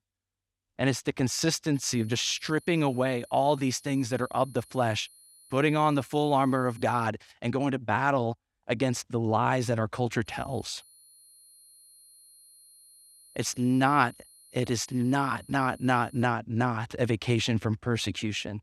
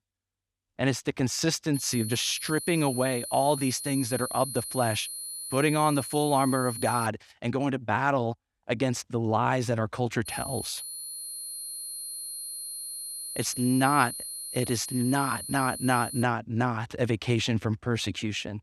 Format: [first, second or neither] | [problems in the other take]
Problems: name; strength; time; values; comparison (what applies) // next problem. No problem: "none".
first | high-pitched whine; loud; from 1.5 to 7 s and from 10 to 16 s; 10 kHz, 7 dB below the speech; faint in the first